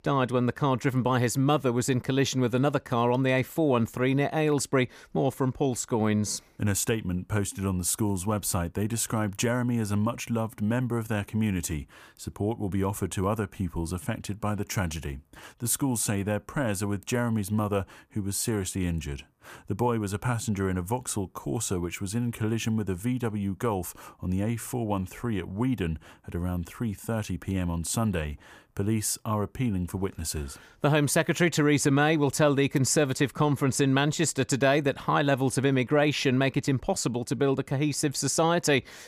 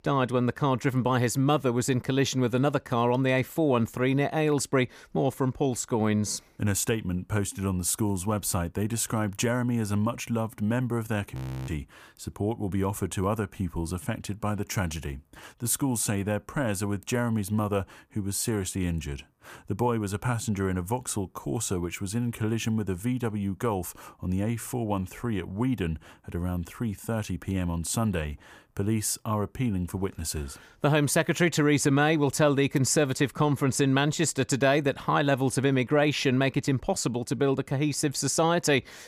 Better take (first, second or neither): first